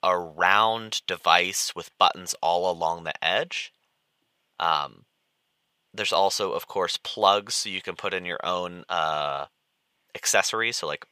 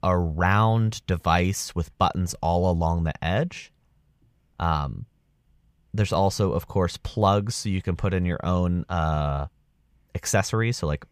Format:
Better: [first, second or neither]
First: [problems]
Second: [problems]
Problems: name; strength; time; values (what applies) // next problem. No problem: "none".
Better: second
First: thin; very; fading below 550 Hz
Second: none